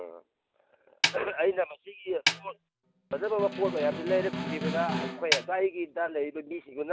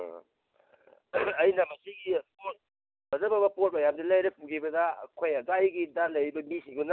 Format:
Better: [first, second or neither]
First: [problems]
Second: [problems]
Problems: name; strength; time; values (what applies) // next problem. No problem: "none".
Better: second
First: background sound (Snare drum + Snare drum); 2 dB below the speech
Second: none